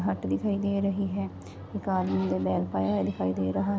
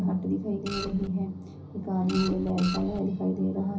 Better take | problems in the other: first | background sound (Printer); 9 dB below the speech // room echo; dies away in 0.5 s

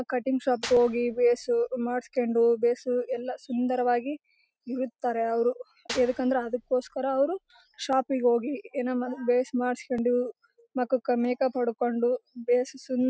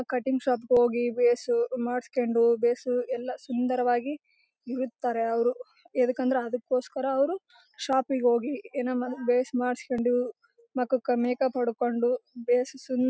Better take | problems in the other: second | background sound (Clapping / Drum kit); 18 dB below the speech

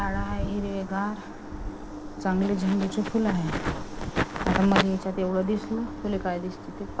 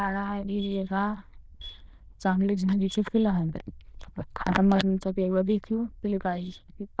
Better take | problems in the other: first | noise reduction (neural diffusion model UNIVERSE++)

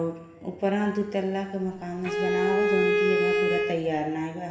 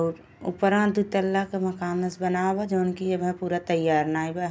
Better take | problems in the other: second | background sound (Bowed string instrument); 4 dB above the speech // room echo; dies away in 1.2 s

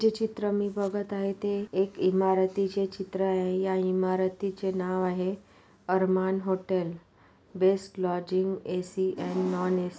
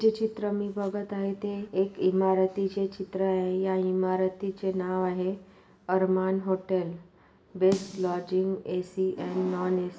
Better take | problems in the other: first | background sound (Snare drum); 15 dB below the speech // room echo; dies away in 0.7 s

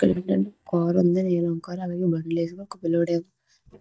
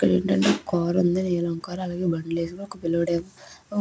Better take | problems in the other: second | noise reduction (neural mask model DeepFilterNet 3)

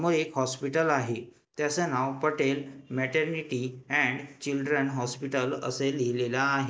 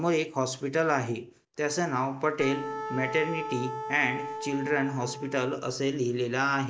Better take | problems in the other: first | background sound (Wind instrument, woodwind instrument); 8 dB below the speech

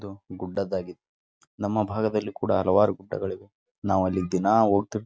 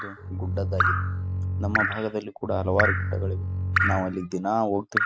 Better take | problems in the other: first | background sound (Drip + Bowed string instrument); 3 dB above the speech

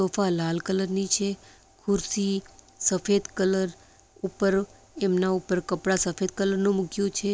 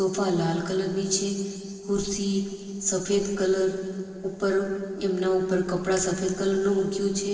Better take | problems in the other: first | noise reduction (neural separator model SepFormer DNS4)

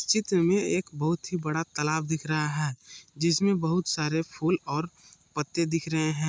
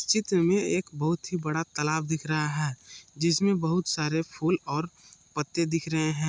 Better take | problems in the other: second | noise reduction (neural mask model Resemble Enhance denoiser)

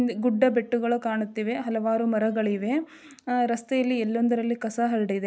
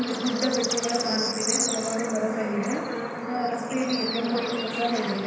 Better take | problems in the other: first | background sound (Bird / Insect / Frog); as loud as the speech // room echo; dies away in 0.9 s

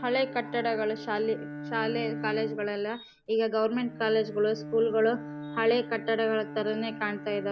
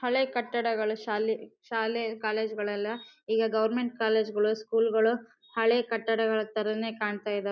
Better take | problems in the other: second | background sound (Bowed string instrument); 11 dB below the speech

